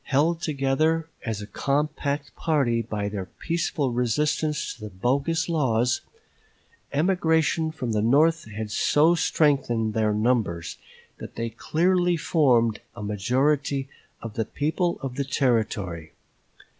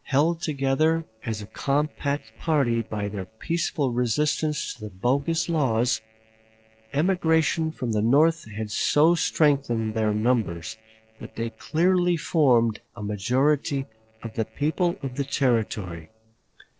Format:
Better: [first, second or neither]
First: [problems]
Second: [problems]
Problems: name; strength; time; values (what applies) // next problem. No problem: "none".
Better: first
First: none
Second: noise reduction (neural separator model SepFormer DNS4)